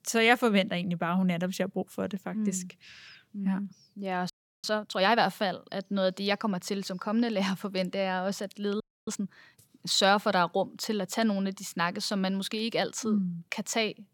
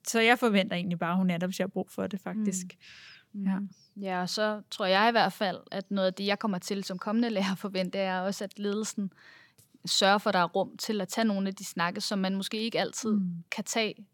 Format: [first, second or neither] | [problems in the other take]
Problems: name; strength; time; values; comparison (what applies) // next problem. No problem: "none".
second | audio freezing; at 4.5 s and at 9 s